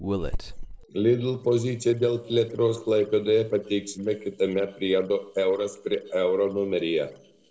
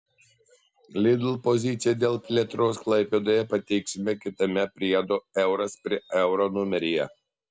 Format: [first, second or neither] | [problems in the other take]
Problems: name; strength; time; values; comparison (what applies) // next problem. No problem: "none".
second | noise reduction (neural separator model SepFormer DNS4)